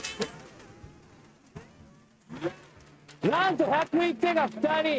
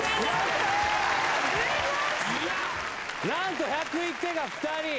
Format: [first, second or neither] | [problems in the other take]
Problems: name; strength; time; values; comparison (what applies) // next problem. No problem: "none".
second | noise reduction (neural mask model RNNoise)